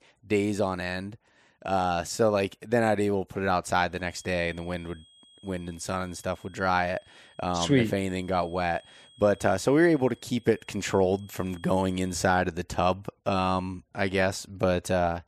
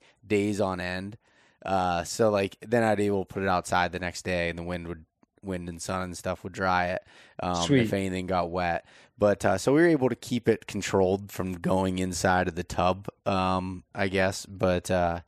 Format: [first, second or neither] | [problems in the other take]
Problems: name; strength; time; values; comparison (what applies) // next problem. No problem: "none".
second | high-pitched whine; faint; from 4 to 12 s; 3.5 kHz, 30 dB below the speech